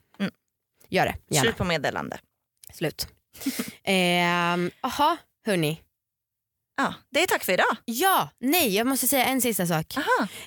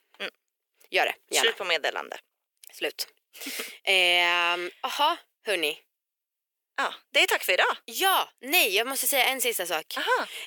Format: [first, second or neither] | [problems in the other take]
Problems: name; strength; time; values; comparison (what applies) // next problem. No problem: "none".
first | thin; very; fading below 400 Hz